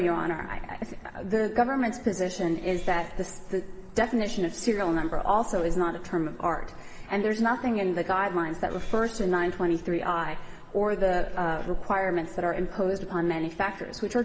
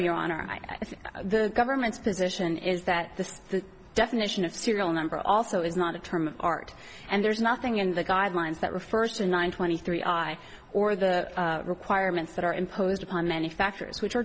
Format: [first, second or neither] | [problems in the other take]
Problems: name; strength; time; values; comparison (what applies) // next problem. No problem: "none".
second | background sound (Meow / Purr); 8 dB below the speech // room echo; dies away in 1.8 s